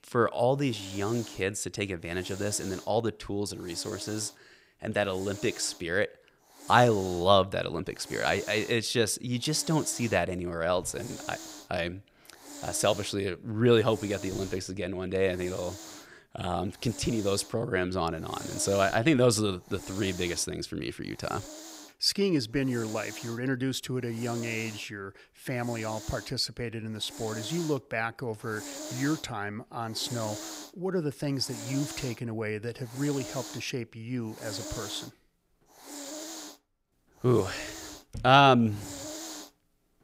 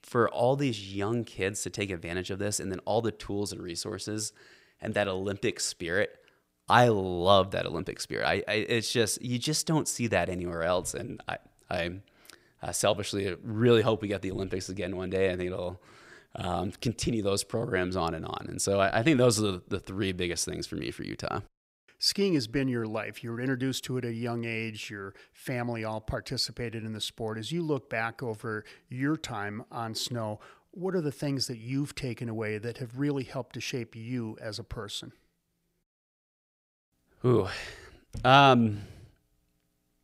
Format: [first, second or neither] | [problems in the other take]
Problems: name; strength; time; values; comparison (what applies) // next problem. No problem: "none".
second | hiss; noticeable; throughout; 15 dB below the speech